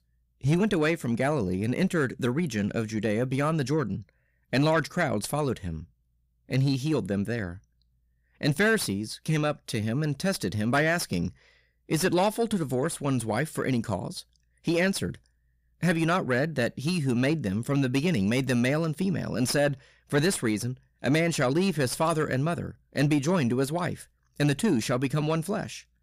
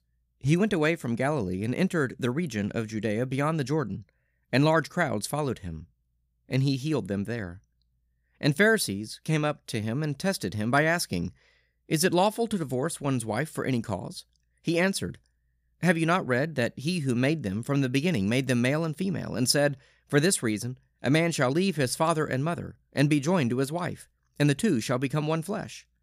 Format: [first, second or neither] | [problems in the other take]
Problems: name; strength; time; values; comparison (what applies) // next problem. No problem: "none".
second | distortion; slight; 10 dB below the speech